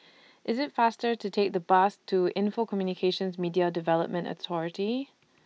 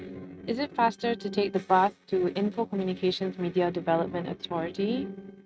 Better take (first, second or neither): first